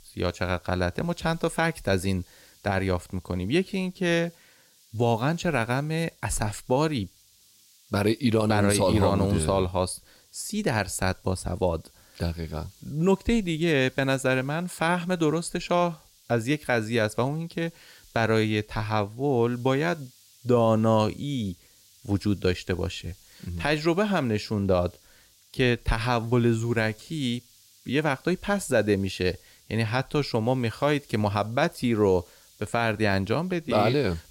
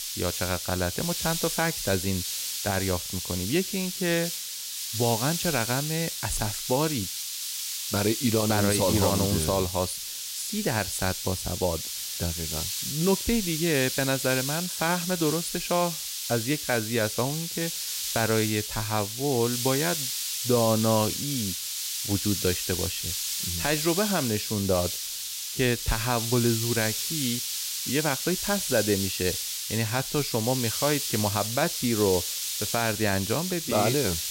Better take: first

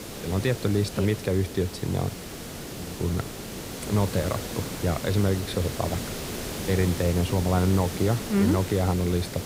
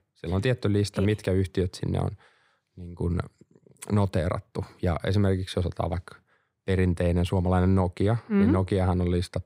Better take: second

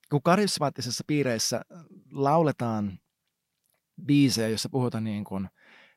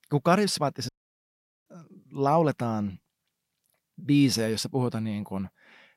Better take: first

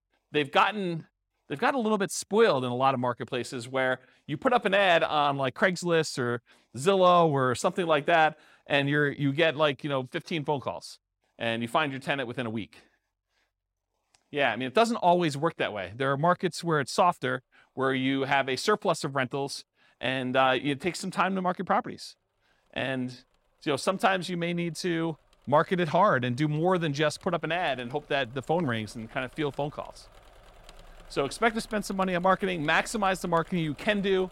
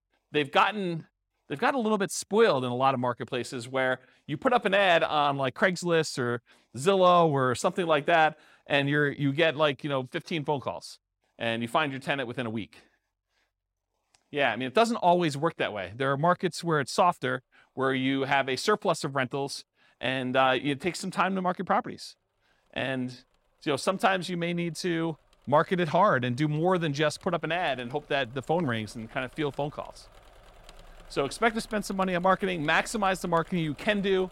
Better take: neither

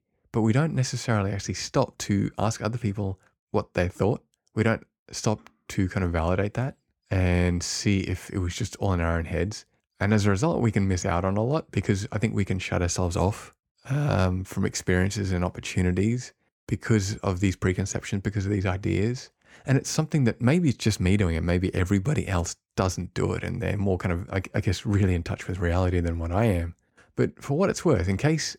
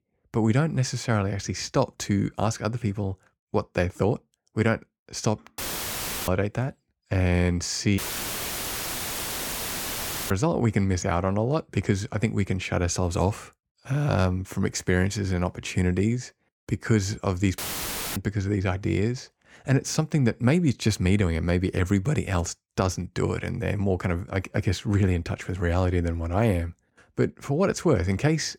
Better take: first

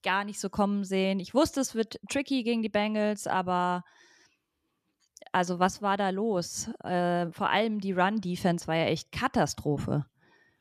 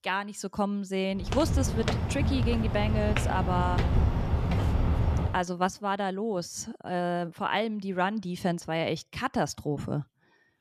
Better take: first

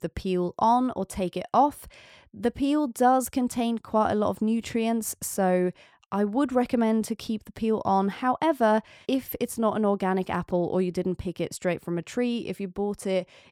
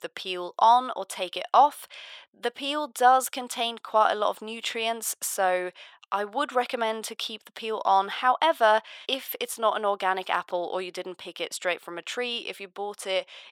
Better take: first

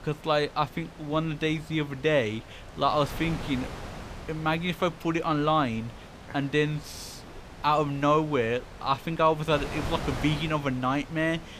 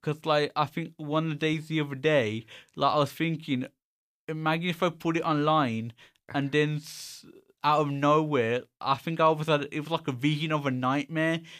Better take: second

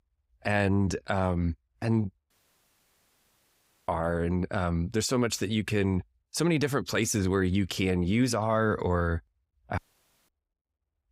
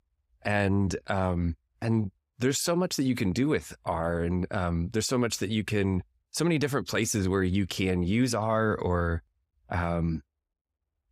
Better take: second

